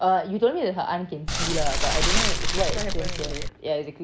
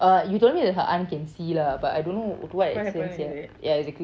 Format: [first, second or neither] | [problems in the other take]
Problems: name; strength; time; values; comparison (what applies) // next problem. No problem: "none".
second | background sound (Fire); 4 dB above the speech